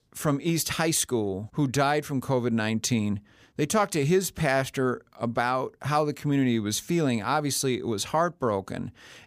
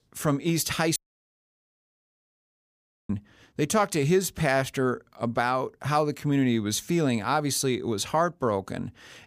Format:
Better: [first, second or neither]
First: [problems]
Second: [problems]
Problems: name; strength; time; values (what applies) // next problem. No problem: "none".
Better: first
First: none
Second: audio cutting out; at 1 s for 2 s